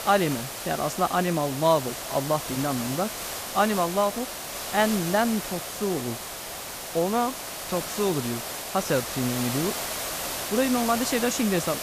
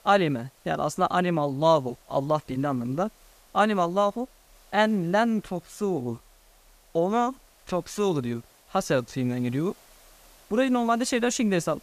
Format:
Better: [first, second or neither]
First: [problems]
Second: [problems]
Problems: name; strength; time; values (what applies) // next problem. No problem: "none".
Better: second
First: hiss; loud; throughout; 5 dB below the speech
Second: hiss; faint; throughout; 30 dB below the speech